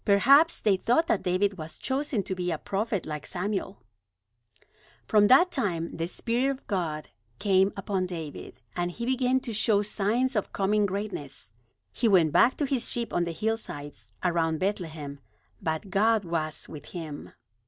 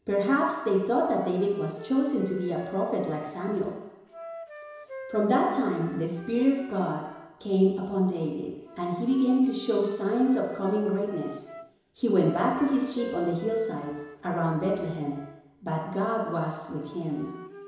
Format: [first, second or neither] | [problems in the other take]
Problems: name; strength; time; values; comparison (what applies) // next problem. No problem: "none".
first | background sound (Wind instrument, woodwind instrument); 17 dB below the speech // room echo; dies away in 1 s